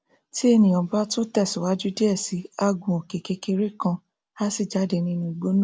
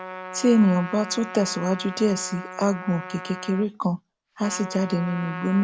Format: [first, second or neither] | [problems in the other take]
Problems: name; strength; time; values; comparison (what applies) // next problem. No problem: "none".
first | background sound (Trumpet); 13 dB below the speech